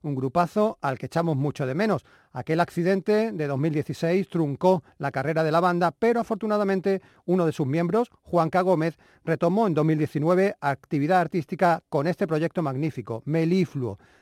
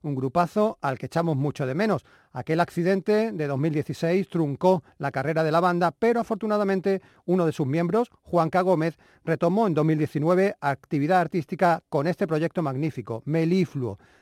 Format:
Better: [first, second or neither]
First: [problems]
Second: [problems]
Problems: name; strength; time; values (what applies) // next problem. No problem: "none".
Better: neither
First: none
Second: none